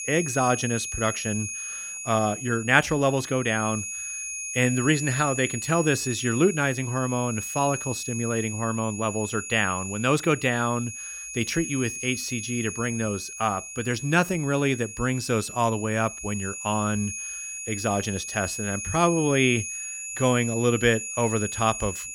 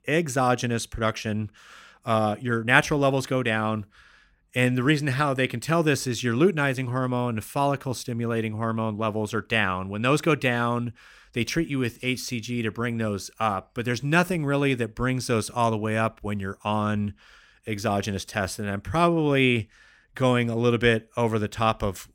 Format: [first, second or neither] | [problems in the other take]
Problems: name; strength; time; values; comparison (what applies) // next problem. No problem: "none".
second | high-pitched whine; loud; throughout; 6.5 kHz, 7 dB below the speech